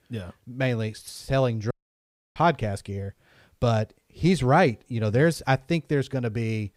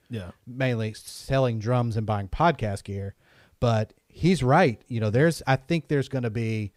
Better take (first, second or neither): second